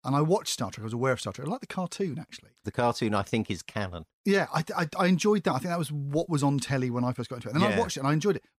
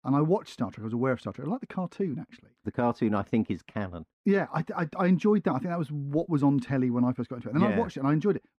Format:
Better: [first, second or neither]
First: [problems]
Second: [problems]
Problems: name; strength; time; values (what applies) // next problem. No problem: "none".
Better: first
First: none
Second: muffled; slightly; fading above 3.5 kHz